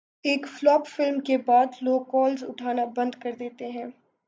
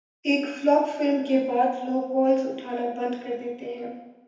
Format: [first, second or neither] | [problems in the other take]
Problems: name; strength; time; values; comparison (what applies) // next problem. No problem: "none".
first | room echo; dies away in 0.9 s